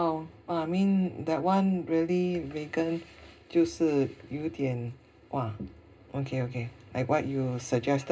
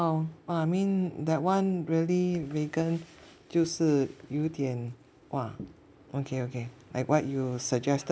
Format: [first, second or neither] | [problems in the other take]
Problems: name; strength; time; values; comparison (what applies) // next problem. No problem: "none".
second | room echo; dies away in 0.2 s